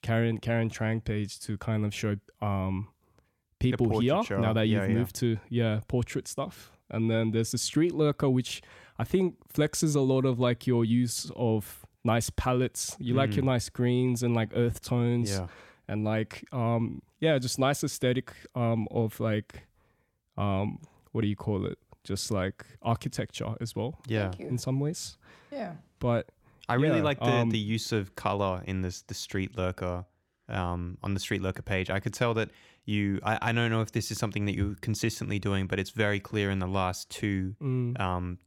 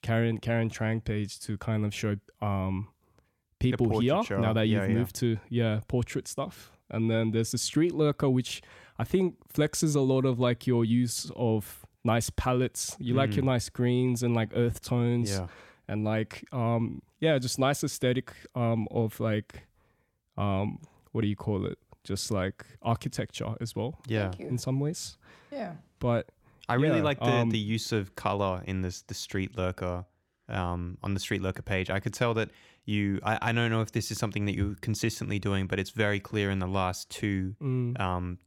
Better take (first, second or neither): neither